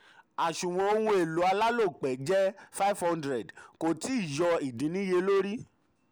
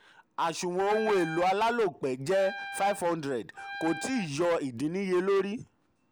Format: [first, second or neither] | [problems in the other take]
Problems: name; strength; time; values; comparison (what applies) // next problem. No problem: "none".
first | background sound (Wind instrument, woodwind instrument); 12 dB below the speech